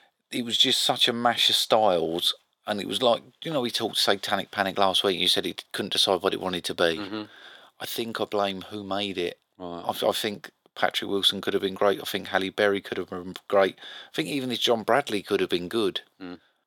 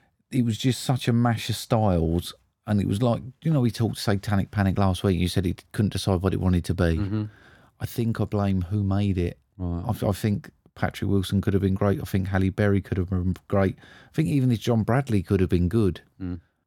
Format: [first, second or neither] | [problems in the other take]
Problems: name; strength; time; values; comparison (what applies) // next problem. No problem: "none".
second | thin; very; fading below 500 Hz